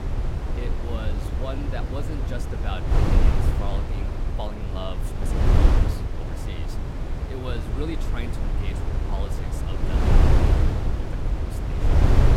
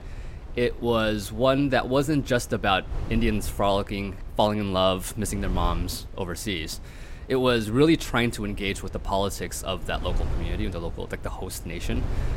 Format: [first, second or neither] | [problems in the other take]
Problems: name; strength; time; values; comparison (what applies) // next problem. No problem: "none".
second | wind noise on the microphone; heavy; 5 dB above the speech; occasional gusts in the second